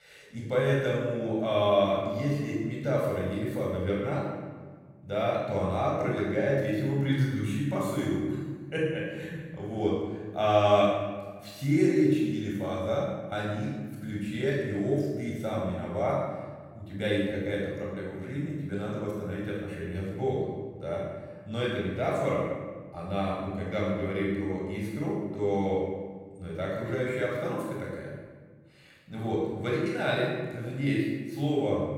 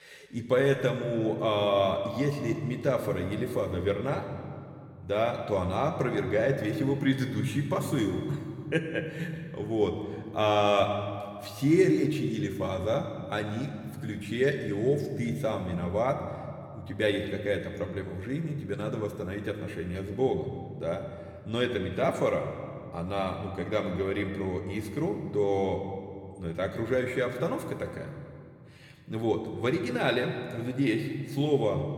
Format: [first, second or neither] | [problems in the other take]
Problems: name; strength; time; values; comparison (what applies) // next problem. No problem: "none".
second | room echo; strong; dies away in 1.2 s; slight in the second // off-mic speech; far